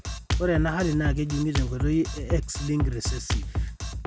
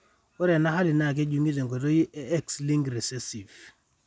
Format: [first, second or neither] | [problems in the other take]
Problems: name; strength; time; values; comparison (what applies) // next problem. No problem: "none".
second | background sound (Drum kit); 1 dB below the speech